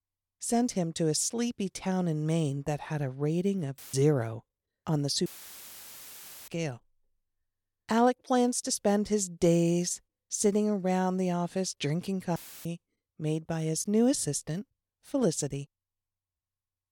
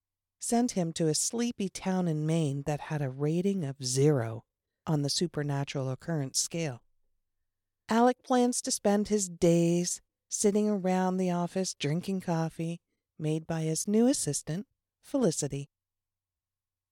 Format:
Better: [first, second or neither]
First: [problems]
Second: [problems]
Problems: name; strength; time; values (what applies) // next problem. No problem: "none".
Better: second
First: audio cutting out; filled with static; at 4 s, at 5.5 s for 1 s and at 12 s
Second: none